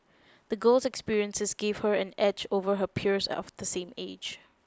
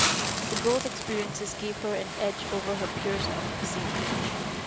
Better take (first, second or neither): first